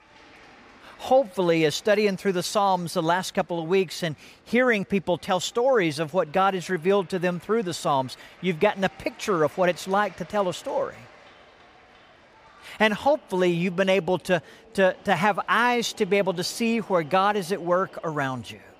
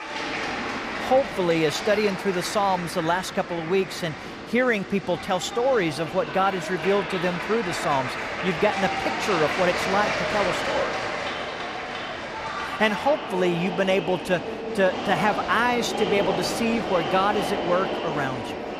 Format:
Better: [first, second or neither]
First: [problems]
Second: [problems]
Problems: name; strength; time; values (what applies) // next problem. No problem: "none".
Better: first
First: crowd noise; faint; throughout; 25 dB below the speech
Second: crowd noise; loud; throughout; 4 dB below the speech